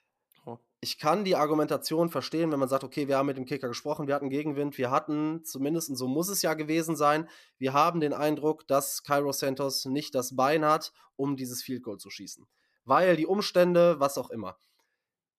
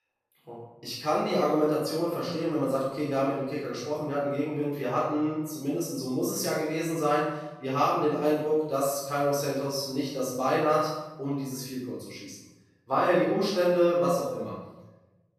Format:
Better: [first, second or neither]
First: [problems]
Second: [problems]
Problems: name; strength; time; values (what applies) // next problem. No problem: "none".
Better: first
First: none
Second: off-mic speech; far // room echo; noticeable; dies away in 0.9 s